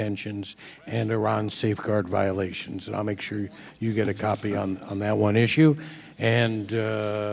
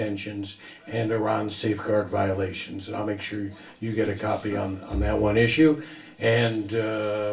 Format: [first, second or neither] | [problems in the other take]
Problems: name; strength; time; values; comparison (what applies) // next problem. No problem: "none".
first | background sound (Bowed string instrument); 8 dB below the speech // room echo; dies away in 0.3 s